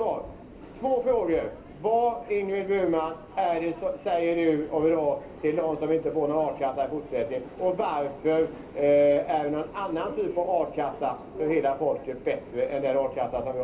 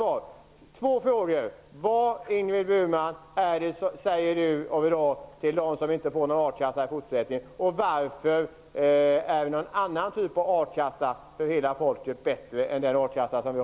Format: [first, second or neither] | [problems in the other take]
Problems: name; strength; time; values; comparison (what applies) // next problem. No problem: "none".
second | background sound (Subway, metro, underground); 17 dB below the speech // room echo; dies away in 0.3 s